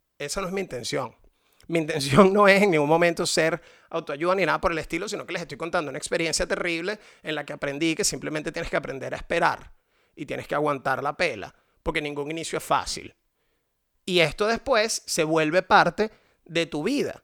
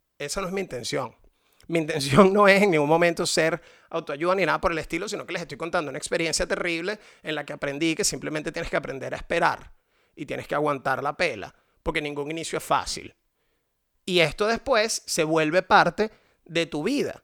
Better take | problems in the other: neither | none

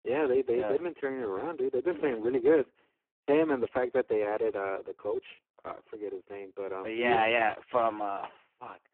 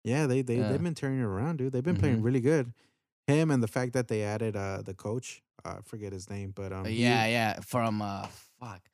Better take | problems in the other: second | phone-call audio; poor line

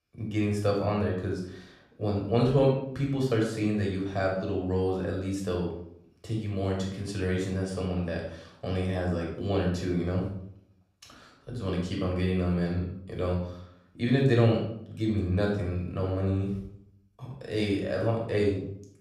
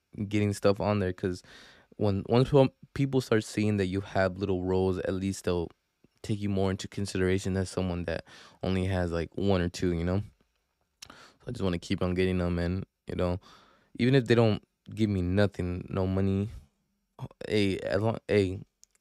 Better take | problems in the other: second | off-mic speech; far // room echo; noticeable; dies away in 0.5 s

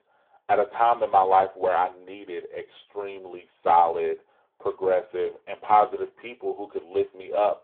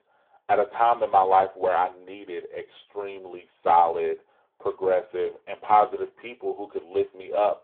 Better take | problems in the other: neither | phone-call audio; poor line; the same in both

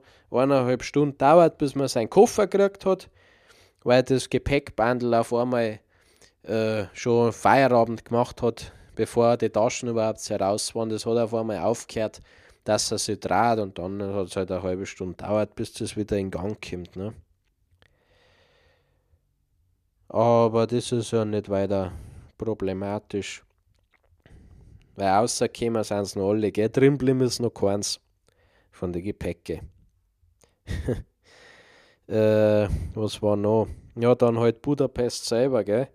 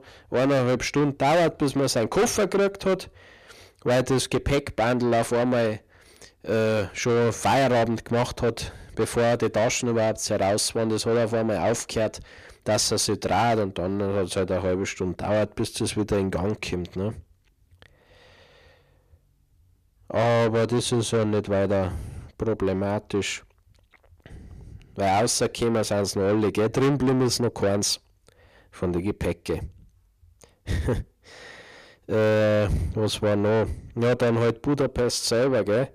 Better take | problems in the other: first | distortion; heavy; 6 dB below the speech

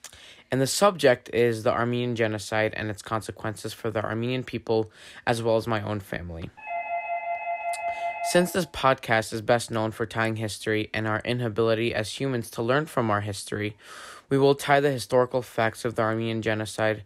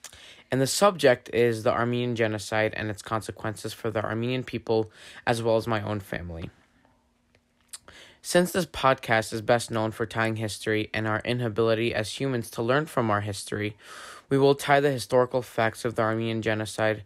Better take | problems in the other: second | doorbell; noticeable; from 6.5 to 8.5 s; peak 4 dB below the speech

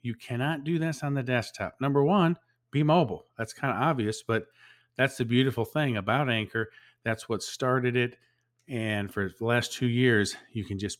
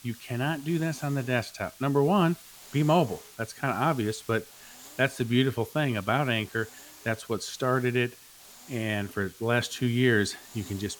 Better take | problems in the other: first | hiss; noticeable; throughout; 20 dB below the speech

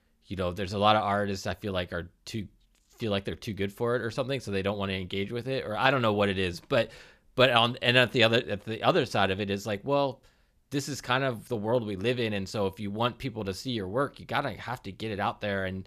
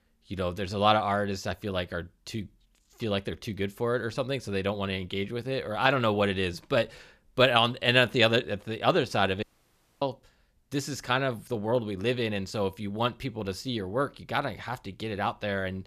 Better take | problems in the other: first | audio cutting out; at 9.5 s for 0.5 s

